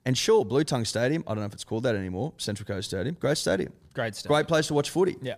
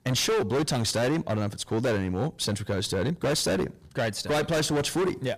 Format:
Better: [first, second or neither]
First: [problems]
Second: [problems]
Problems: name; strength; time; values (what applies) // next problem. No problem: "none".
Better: first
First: none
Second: distortion; heavy; 22% of the sound clipped